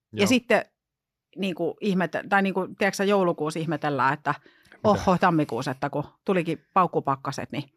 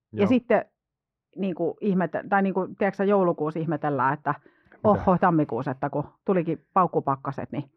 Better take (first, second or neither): first